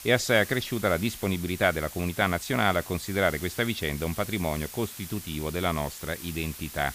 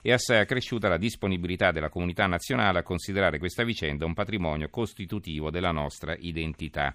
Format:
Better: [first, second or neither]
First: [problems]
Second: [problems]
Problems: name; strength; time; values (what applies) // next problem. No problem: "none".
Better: second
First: hiss; noticeable; throughout; 10 dB below the speech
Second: none